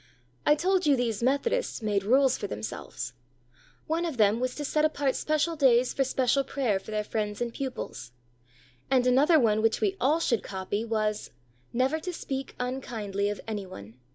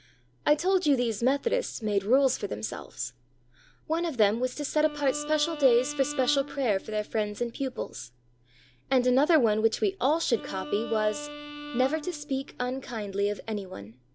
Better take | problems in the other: first | background sound (Bowed string instrument); 14 dB below the speech

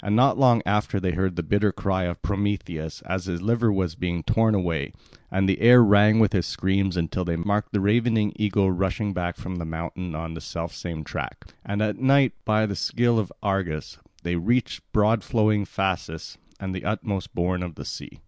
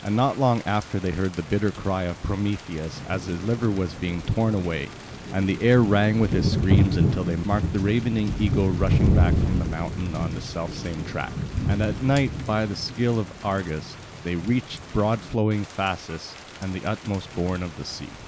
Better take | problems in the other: first | background sound (Thunder / Rain); 3 dB below the speech

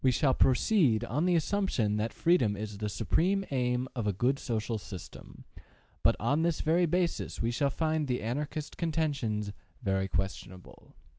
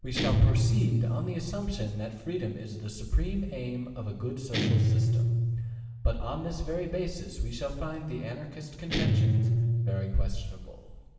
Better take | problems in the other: first | background sound (Guitar); 2 dB above the speech // room echo; dies away in 1.4 s

